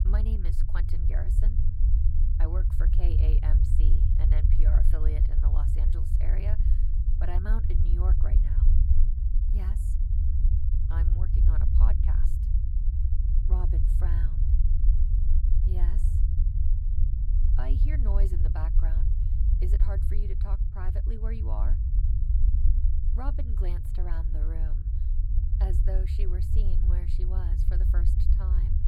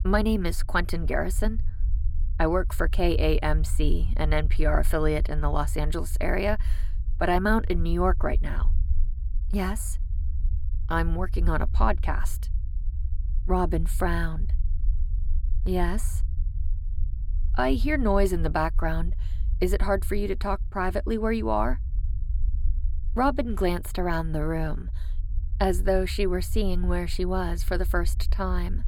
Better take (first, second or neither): second